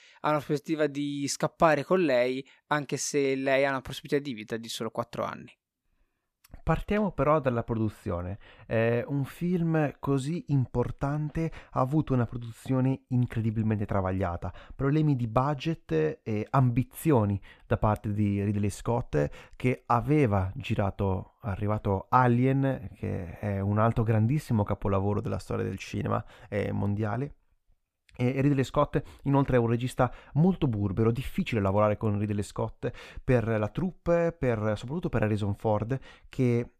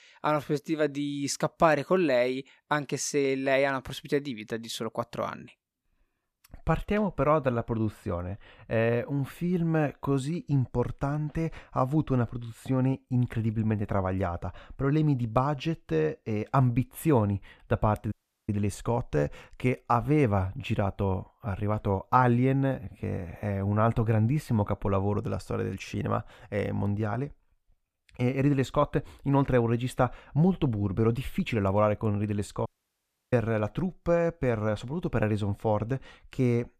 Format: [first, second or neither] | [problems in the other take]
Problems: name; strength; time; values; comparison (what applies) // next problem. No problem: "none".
first | audio cutting out; at 18 s and at 33 s for 0.5 s